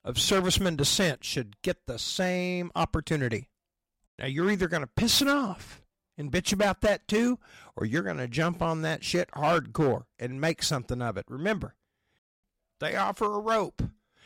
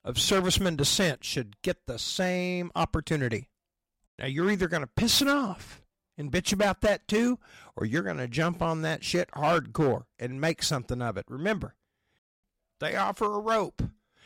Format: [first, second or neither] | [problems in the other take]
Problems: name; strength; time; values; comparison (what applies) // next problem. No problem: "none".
neither | distortion; slight; 4% of the sound clipped; the same in both